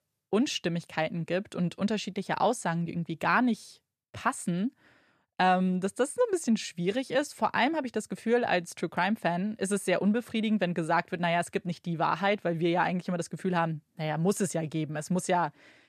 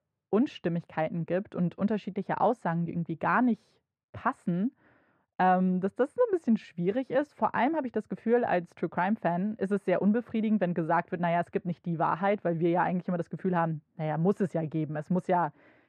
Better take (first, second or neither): first